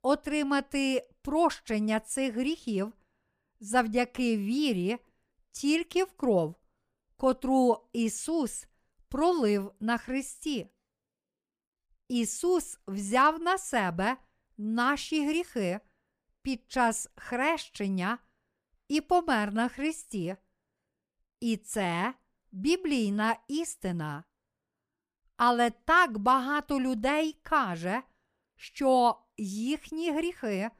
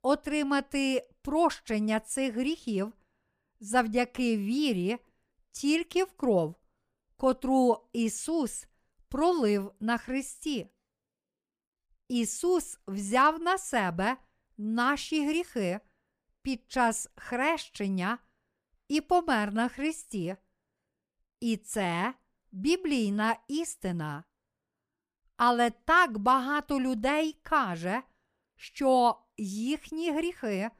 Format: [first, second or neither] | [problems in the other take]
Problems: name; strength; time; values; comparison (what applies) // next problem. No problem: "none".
neither | none